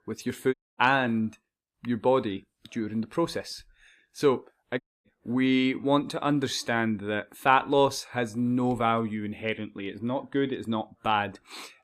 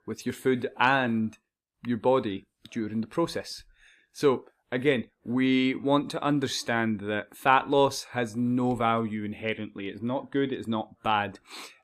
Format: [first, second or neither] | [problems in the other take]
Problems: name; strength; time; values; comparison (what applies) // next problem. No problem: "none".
second | audio cutting out; at 0.5 s and at 5 s